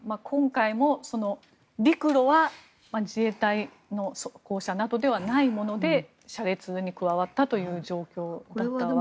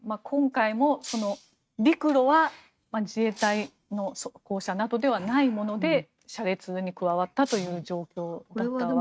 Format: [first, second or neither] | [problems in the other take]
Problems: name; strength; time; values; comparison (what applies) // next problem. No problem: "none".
first | noise reduction (neural mask model RNNoise)